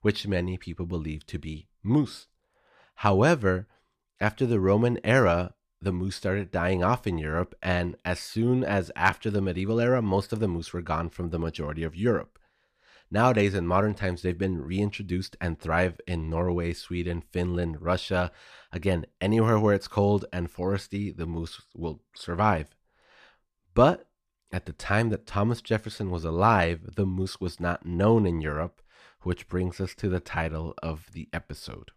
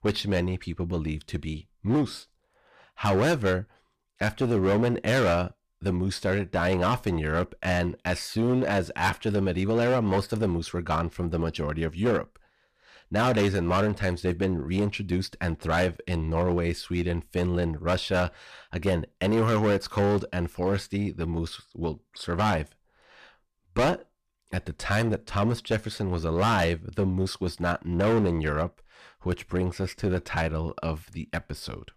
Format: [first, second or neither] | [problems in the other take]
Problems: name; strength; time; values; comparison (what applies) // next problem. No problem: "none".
first | distortion; heavy; 10% of the sound clipped